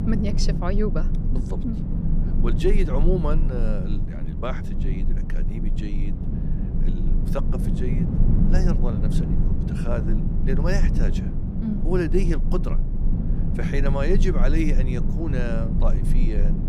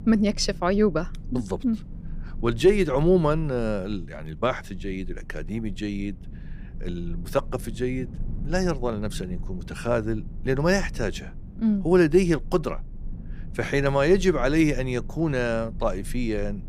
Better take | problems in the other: second | low rumble; loud; throughout; 5 dB below the speech; faint in the second

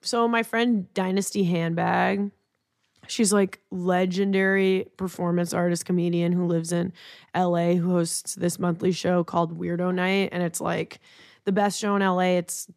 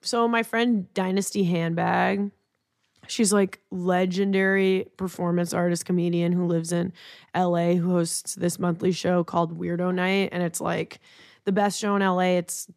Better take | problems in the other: neither | none

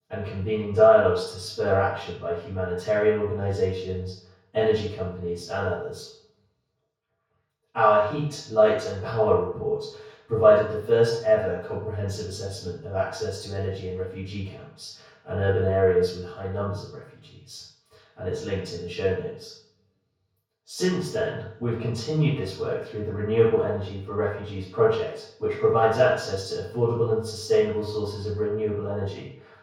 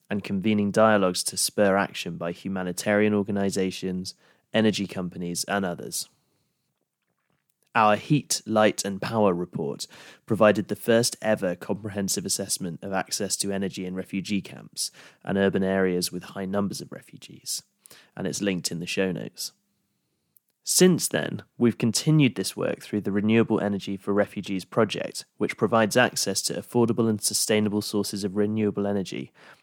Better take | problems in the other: second | room echo; strong; dies away in 0.7 s // off-mic speech; far

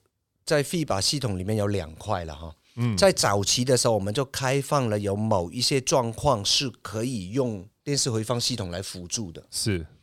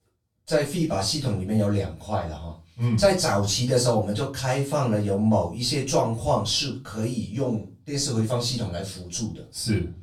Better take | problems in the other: first | off-mic speech; far // room echo; slight; dies away in 0.3 s

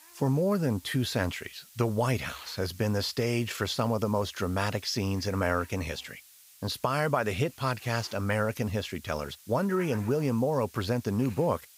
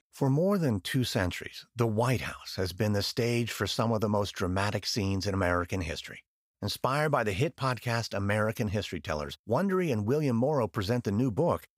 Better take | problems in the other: second | hiss; faint; throughout; 20 dB below the speech

